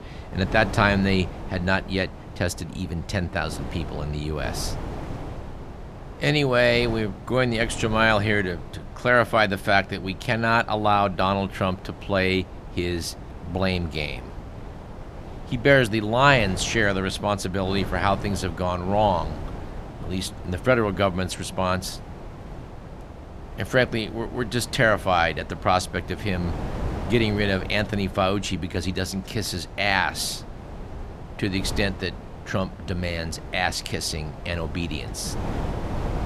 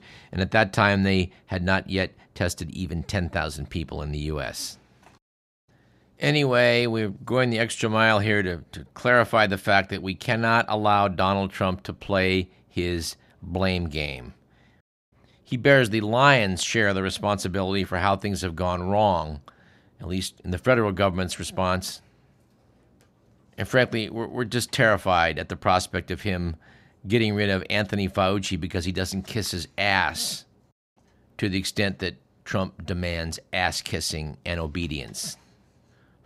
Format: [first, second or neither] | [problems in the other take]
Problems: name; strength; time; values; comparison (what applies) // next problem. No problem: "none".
second | wind noise on the microphone; occasional gusts; 15 dB below the speech